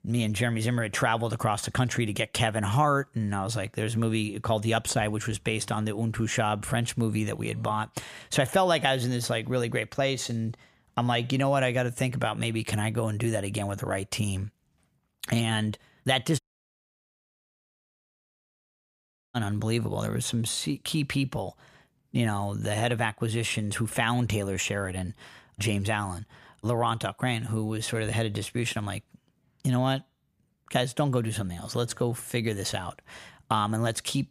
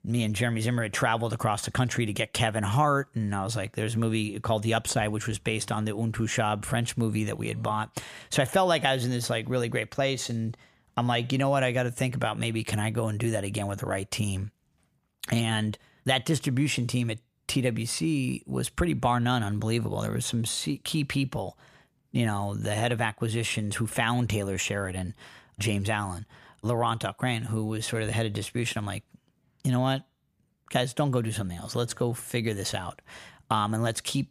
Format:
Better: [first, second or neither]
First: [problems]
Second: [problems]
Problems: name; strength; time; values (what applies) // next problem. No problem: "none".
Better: second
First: audio cutting out; at 16 s for 3 s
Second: none